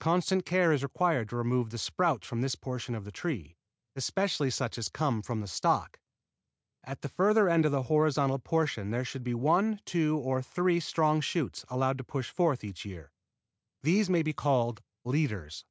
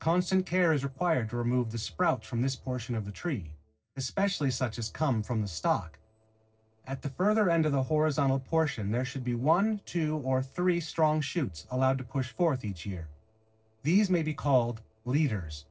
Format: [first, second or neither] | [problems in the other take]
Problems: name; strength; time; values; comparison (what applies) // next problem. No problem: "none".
first | noise reduction (neural separator model SepFormer DNS4)